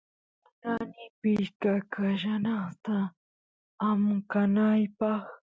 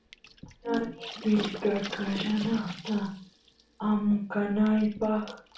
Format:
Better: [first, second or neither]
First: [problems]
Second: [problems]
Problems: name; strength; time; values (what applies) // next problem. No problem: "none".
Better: first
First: none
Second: background sound (Water / Splash, splatter); 15 dB below the speech // room echo; dies away in 0.4 s